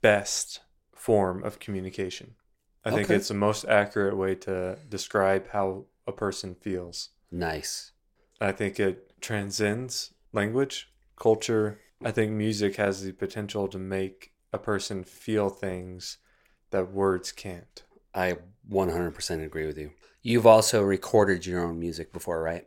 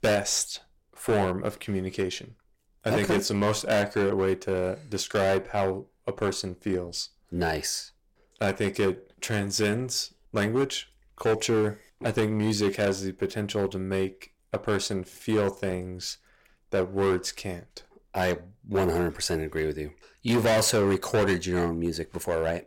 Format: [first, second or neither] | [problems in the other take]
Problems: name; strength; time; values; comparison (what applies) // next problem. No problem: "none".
first | distortion; heavy; 7% of the sound clipped